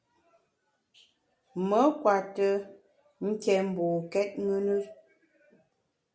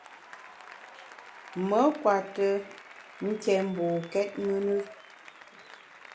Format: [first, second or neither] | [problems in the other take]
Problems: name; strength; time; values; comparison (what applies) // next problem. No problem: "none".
first | background sound (Applause); 18 dB below the speech